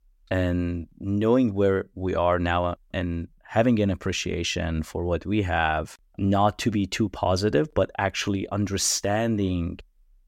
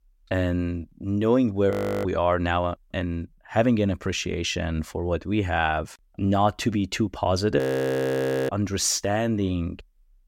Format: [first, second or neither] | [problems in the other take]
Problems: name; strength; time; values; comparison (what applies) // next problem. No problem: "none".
first | audio freezing; at 1.5 s and at 7.5 s for 1 s